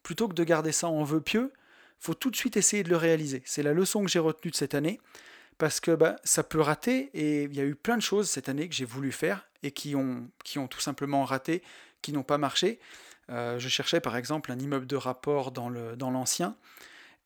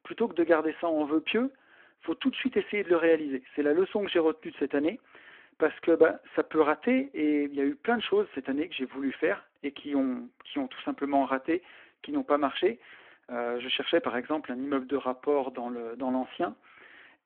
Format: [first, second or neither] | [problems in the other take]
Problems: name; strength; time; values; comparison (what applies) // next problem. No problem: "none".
first | phone-call audio